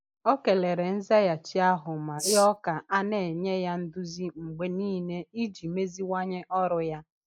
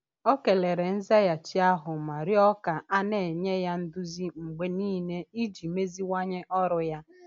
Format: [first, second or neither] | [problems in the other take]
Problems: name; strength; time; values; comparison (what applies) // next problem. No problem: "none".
second | noise reduction (neural mask model Resemble Enhance denoiser)